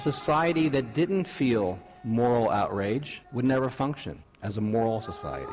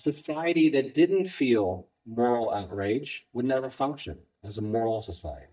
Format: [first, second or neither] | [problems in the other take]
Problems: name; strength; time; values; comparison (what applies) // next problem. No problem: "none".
first | noise reduction (neural mask model DeepFilterNet 3)